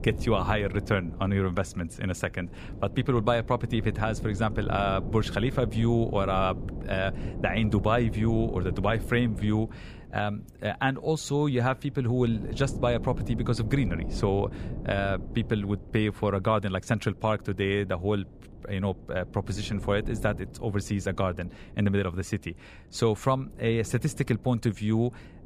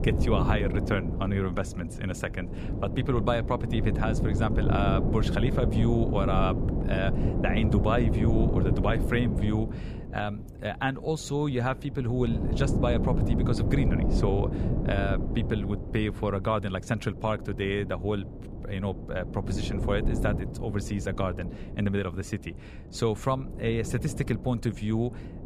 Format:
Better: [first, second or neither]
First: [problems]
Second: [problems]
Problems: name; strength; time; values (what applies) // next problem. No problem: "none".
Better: first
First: wind noise on the microphone; occasional gusts; 15 dB below the speech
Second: wind noise on the microphone; heavy; 6 dB below the speech